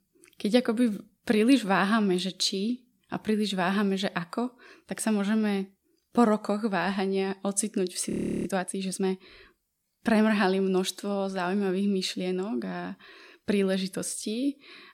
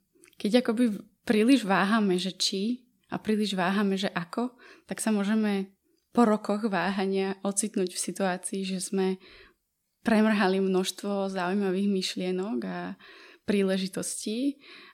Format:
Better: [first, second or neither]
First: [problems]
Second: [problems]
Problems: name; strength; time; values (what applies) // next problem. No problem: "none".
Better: second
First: audio freezing; at 8 s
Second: none